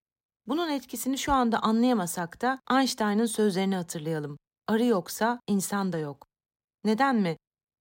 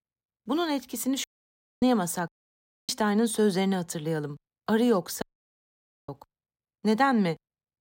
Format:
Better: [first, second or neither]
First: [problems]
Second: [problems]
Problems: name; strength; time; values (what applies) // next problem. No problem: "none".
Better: first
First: none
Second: audio cutting out; at 1 s for 0.5 s, at 2.5 s for 0.5 s and at 5 s for 1 s